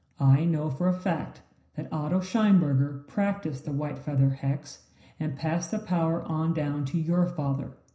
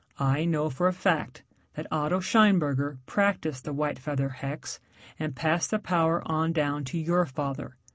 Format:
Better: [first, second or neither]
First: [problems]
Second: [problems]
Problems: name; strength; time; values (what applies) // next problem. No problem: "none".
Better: second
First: room echo; dies away in 0.5 s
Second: none